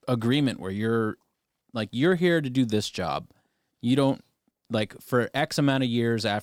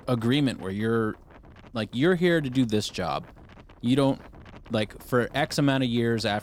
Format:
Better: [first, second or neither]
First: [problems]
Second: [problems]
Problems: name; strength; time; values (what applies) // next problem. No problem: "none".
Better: first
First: none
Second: wind noise on the microphone; occasional gusts; 25 dB below the speech